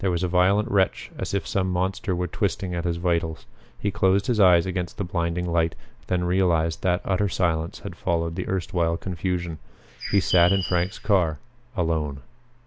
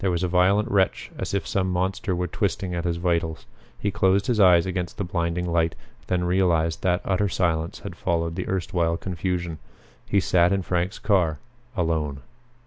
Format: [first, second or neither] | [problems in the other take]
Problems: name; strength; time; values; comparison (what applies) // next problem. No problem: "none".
second | background sound (Bird); 9 dB below the speech